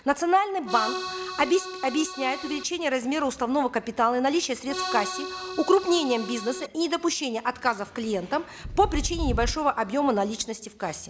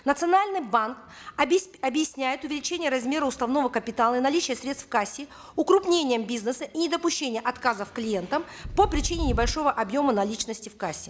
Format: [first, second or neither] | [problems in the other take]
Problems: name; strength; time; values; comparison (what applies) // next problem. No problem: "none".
second | background sound (Accordion); 8 dB below the speech